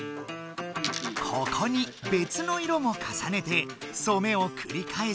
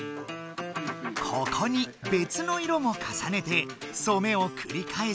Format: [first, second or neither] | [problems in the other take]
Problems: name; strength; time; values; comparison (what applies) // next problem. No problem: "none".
second | background sound (Coin (dropping)); 13 dB below the speech